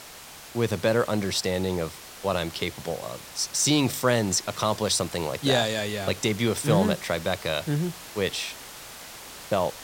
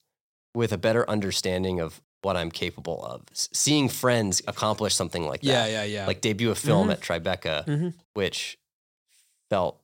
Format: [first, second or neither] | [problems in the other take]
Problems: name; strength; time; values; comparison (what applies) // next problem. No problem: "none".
second | hiss; noticeable; throughout; 15 dB below the speech